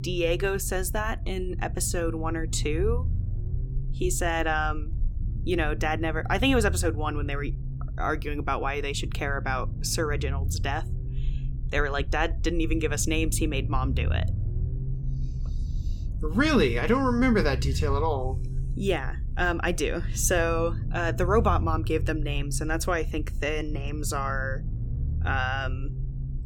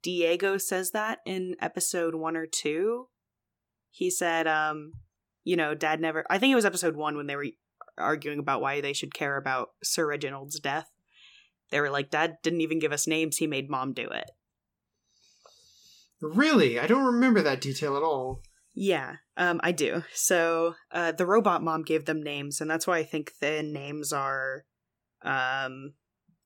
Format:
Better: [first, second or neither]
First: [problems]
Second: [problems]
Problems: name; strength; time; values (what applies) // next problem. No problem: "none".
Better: second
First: low rumble; noticeable; throughout; 20 dB below the speech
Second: none